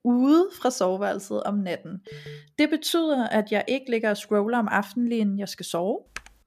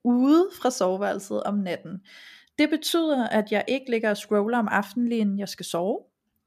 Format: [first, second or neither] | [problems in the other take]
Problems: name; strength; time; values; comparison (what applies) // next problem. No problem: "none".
second | phone ringing; faint; at 2 s; peak 15 dB below the speech // keyboard typing; faint; at 6 s; peak 15 dB below the speech